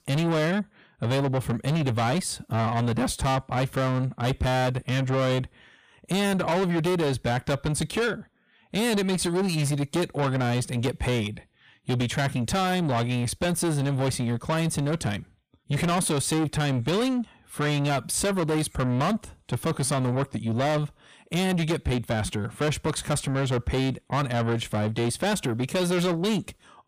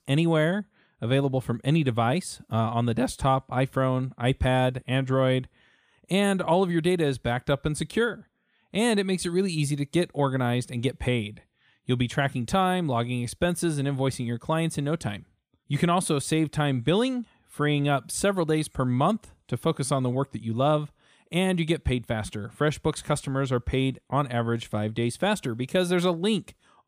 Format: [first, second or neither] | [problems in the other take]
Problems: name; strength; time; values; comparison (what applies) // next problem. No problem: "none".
second | distortion; heavy; 7 dB below the speech